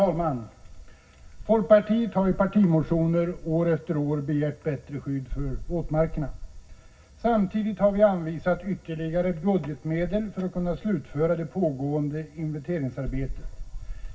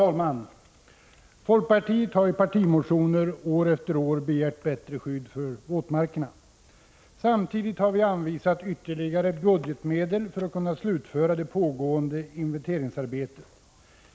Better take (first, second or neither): second